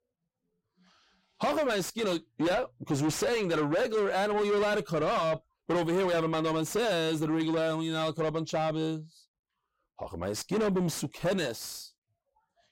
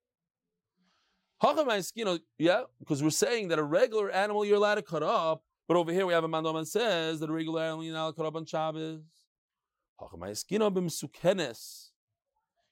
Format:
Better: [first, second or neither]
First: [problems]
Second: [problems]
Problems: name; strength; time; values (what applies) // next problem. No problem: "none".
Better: second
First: distortion; heavy; 6 dB below the speech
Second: none